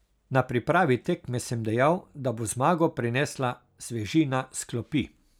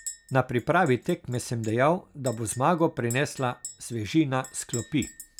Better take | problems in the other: first | background sound (Chink, clink); 18 dB below the speech

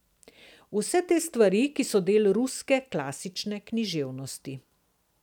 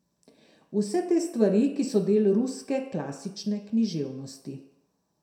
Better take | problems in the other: first | room echo; dies away in 0.6 s

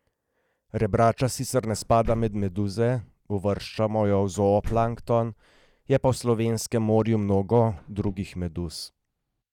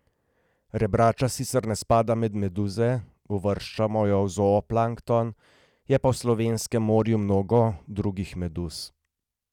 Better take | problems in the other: second | noise reduction (neural mask model DeepFilterNet 3)

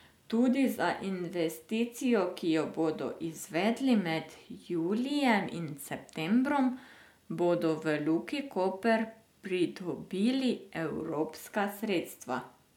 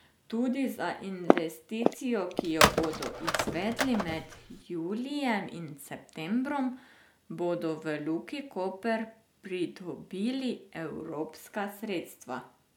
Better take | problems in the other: first | background sound (Telephone + Walk, footsteps); 4 dB above the speech

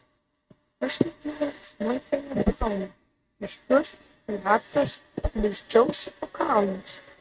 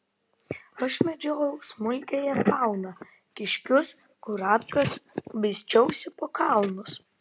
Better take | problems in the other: second | noise reduction (neural mask model RNNoise)

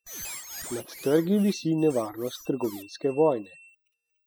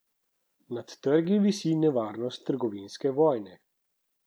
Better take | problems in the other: second | noise reduction (classical method spectral subtraction)

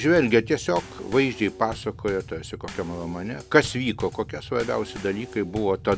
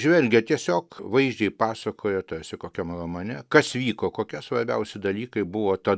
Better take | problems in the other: second | background sound (Bass drum / Snare drum / Drum kit); 15 dB below the speech

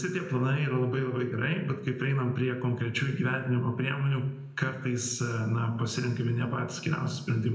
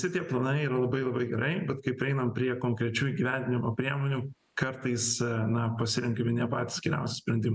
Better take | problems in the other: second | room echo; dies away in 0.8 s

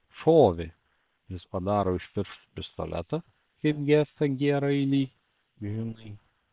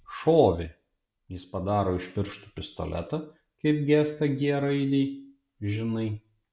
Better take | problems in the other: second | noise reduction (neural separator model SepFormer WHAM!)

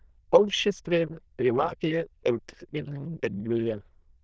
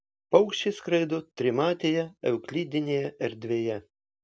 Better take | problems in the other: second | noise reduction (neural diffusion model UNIVERSE++)

